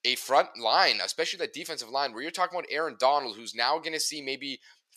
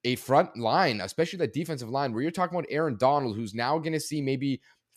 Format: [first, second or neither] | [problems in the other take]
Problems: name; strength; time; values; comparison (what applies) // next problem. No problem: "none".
second | thin; very; fading below 600 Hz